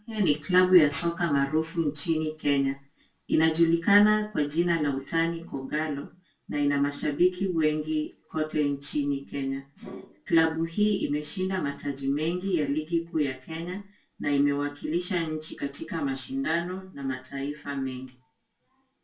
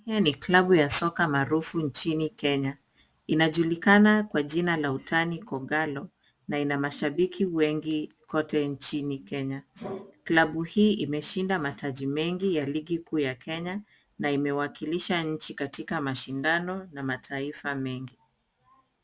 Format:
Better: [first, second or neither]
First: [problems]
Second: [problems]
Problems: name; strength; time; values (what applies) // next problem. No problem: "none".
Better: second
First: room echo; dies away in 0.2 s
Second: none